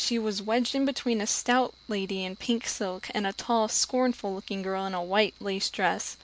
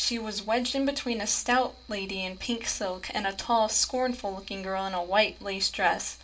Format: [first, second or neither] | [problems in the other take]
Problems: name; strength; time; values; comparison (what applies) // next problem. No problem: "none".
first | room echo; dies away in 0.2 s